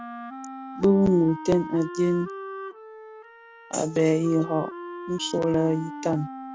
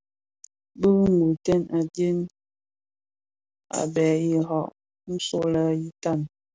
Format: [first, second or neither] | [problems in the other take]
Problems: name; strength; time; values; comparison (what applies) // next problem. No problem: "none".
second | background sound (Wind instrument, woodwind instrument); 12 dB below the speech